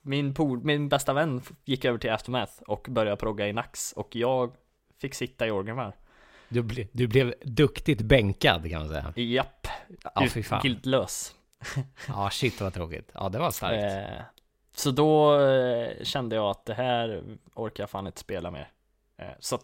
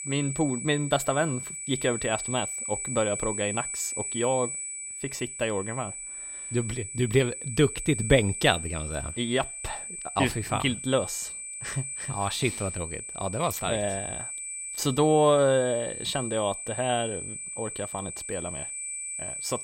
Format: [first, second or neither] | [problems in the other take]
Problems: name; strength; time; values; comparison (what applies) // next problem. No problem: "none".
first | high-pitched whine; loud; throughout; 8 kHz, 6 dB below the speech